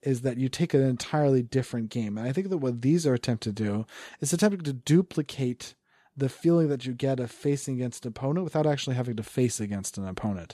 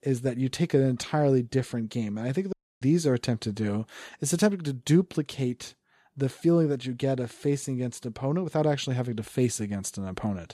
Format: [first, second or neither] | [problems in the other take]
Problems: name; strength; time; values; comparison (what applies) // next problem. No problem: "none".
first | audio cutting out; at 2.5 s